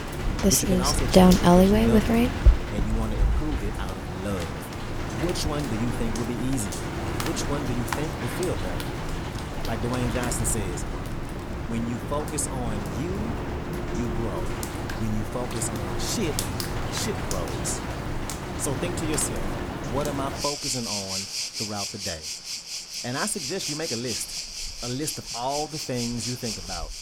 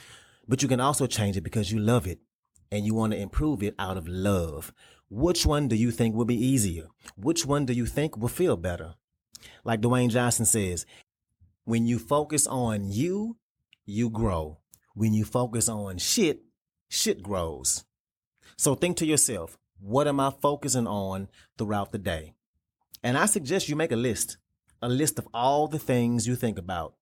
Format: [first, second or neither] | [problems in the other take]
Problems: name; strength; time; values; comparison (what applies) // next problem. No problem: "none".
second | rain or running water; very loud; throughout; 4 dB above the speech